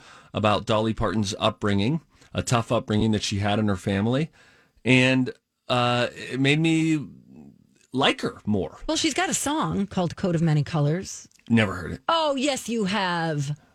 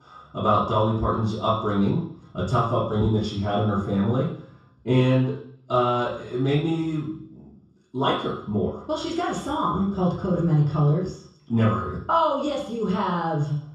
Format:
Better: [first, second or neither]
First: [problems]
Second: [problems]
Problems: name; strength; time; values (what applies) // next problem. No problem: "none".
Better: first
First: none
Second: room echo; noticeable; dies away in 0.6 s // off-mic speech; far